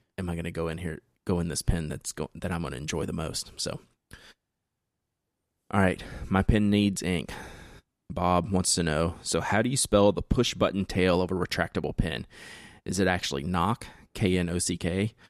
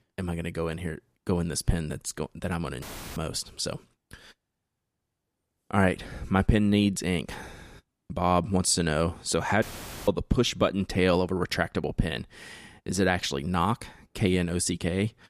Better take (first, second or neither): first